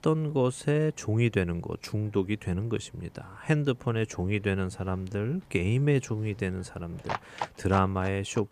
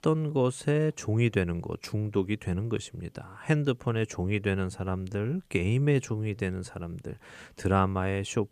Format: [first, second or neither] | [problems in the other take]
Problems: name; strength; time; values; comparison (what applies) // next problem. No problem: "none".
second | animal sounds; noticeable; throughout; 10 dB below the speech